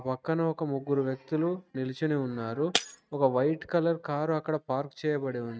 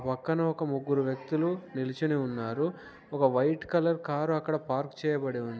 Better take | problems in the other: second | noise reduction (neural mask model RNNoise)

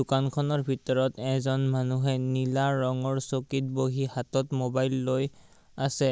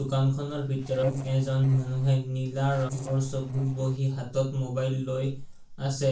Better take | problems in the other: first | noise reduction (neural separator model SepFormer DNS4)

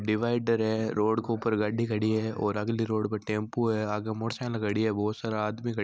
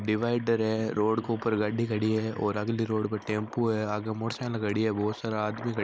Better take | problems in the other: first | background sound (Engine); 20 dB below the speech

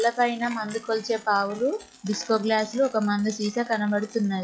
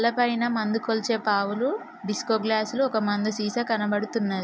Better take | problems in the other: second | noise reduction (classical method log-MMSE)

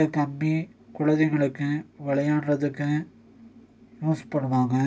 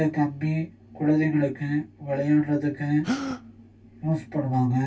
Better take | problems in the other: first | background sound (Gasp); 10 dB below the speech // room echo; dies away in 0.1 s

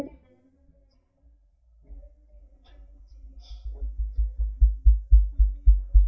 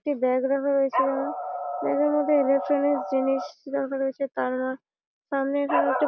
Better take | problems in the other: second | noise reduction (neural mask model DeepFilterNet 3)

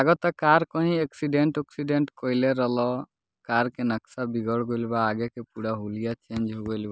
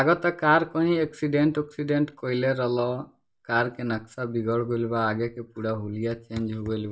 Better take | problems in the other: first | room echo; dies away in 0.2 s

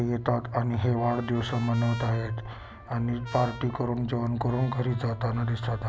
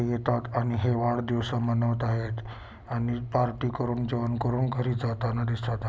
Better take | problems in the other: second | background sound (Trumpet); 20 dB below the speech

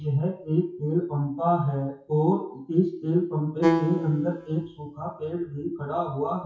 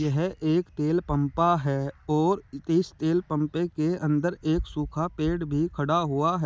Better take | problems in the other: second | noise reduction (classical method WPE with log-MMSE)

